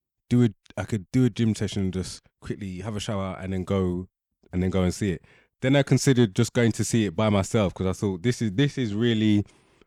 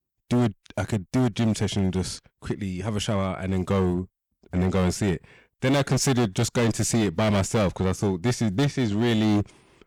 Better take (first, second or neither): first